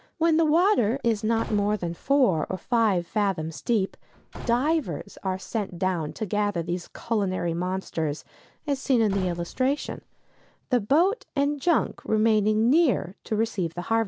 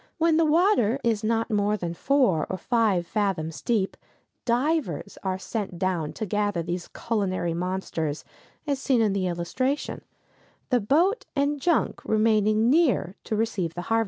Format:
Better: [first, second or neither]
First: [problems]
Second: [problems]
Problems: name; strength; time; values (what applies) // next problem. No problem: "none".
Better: second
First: background sound (Slam / Wood); 19 dB below the speech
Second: none